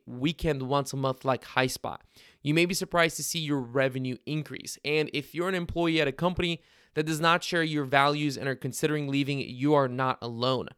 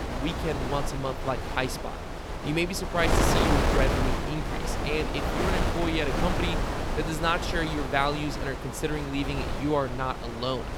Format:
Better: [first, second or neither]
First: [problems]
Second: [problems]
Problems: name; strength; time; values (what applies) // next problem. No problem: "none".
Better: first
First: none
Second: wind noise on the microphone; heavy; 1 dB below the speech